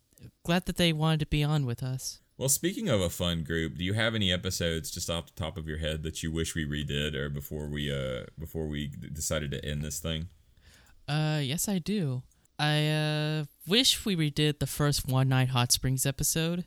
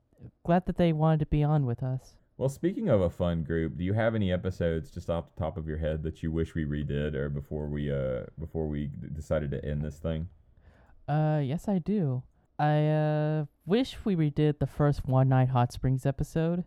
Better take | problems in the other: first | muffled; very; fading above 2.5 kHz

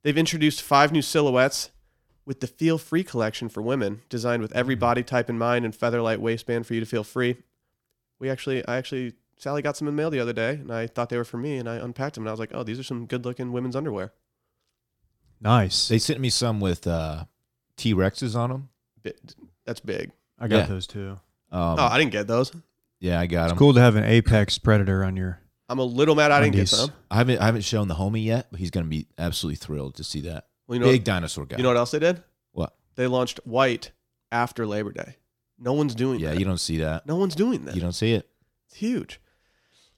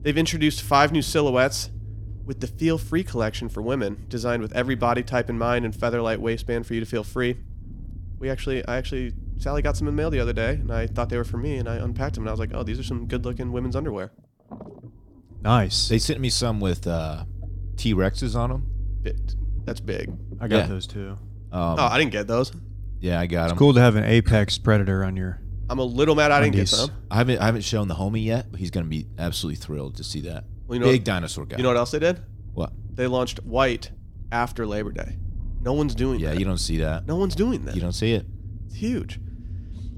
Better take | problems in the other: first | low rumble; faint; throughout; 25 dB below the speech

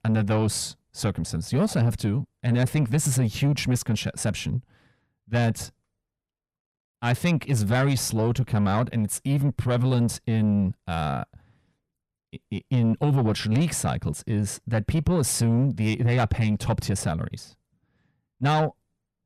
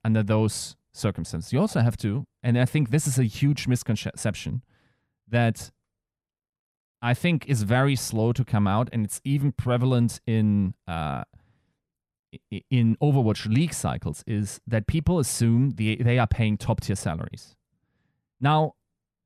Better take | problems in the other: second | distortion; slight; 10 dB below the speech

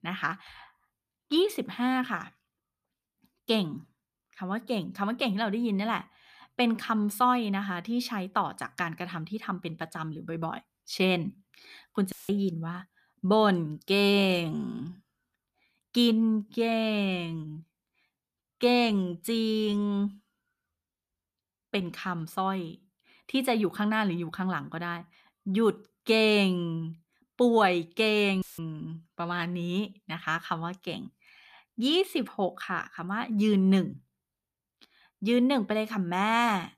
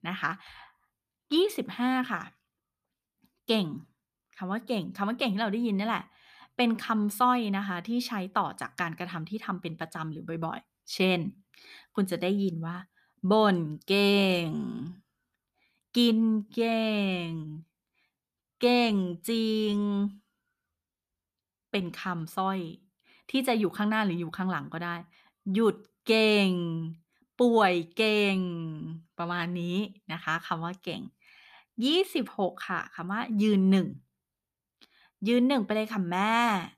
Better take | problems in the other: second | audio cutting out; filled with static; at 12 s and at 28 s

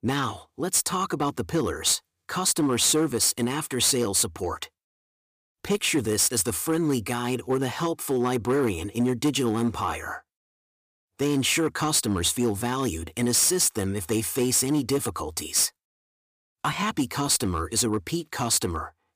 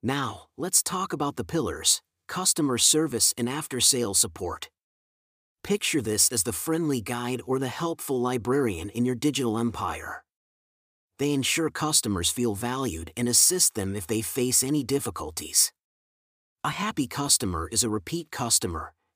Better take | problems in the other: second | distortion; slight; 6% of the sound clipped

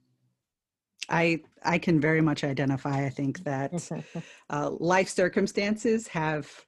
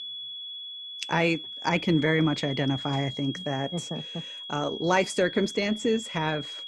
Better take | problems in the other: first | high-pitched whine; loud; throughout; 3.5 kHz, 9 dB below the speech

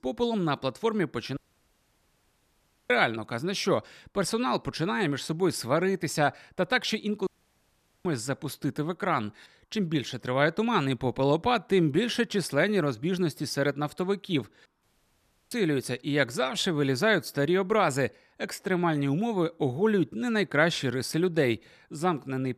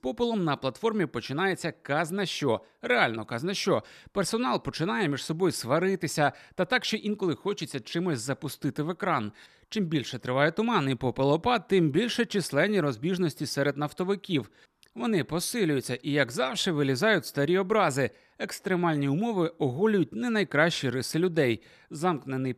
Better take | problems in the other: second | audio cutting out; at 1.5 s for 1.5 s, at 7.5 s for 1 s and at 15 s for 0.5 s

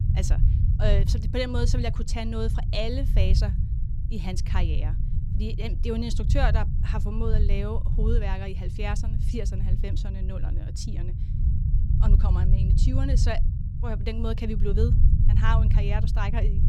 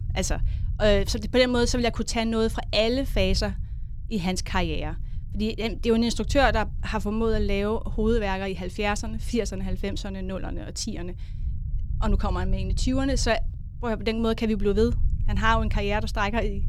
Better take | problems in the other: second | low rumble; loud; throughout; 8 dB below the speech; faint in the second

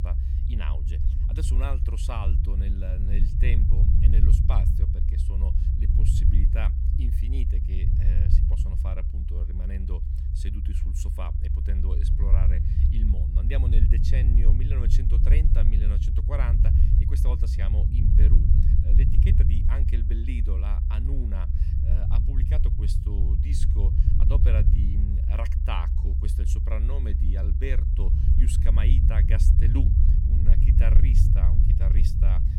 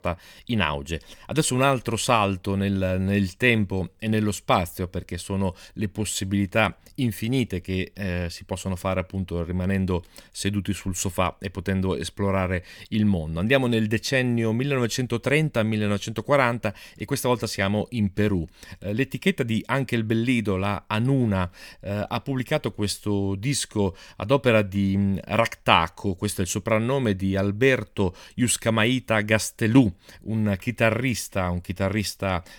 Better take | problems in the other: second | low rumble; loud; throughout; as loud as the speech

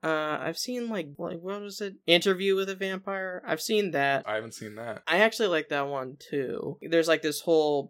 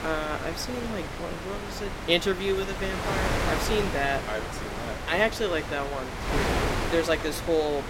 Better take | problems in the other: first | wind noise on the microphone; heavy; 3 dB below the speech

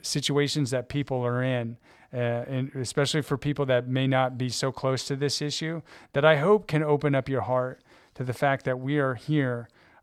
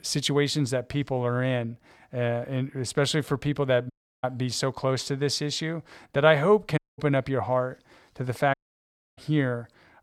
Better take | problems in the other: first | audio cutting out; at 4 s, at 7 s and at 8.5 s for 0.5 s

